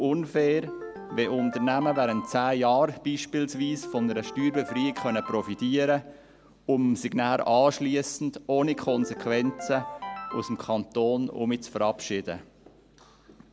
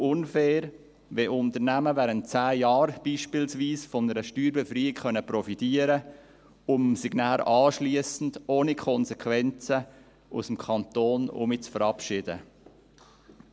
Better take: second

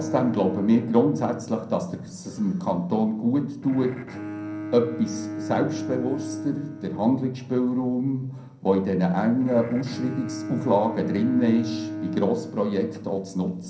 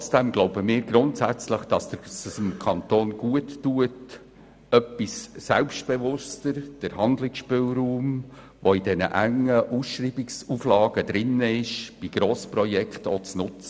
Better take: second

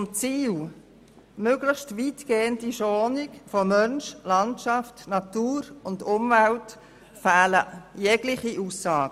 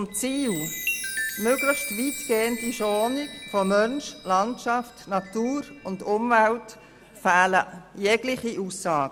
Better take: first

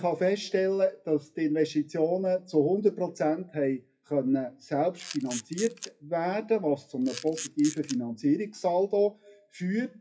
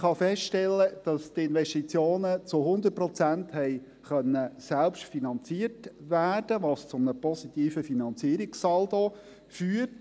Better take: second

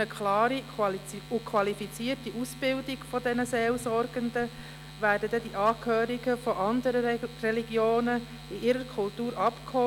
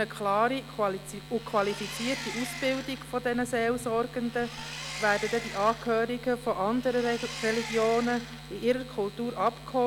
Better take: first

